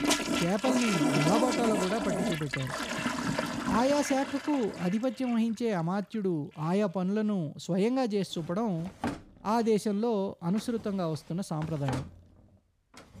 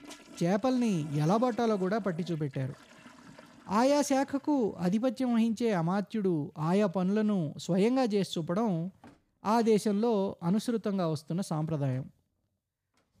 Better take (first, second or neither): second